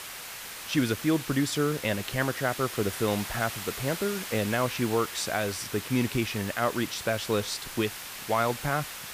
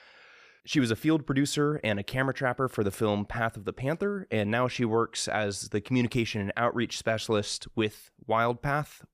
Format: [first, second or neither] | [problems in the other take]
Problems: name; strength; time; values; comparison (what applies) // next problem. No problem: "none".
second | hiss; loud; throughout; 8 dB below the speech